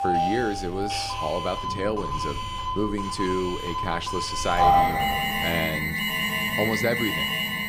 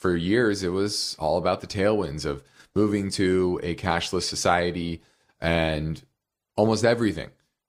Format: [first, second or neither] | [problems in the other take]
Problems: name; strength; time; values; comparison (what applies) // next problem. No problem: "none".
second | alarms or sirens; very loud; throughout; 3 dB above the speech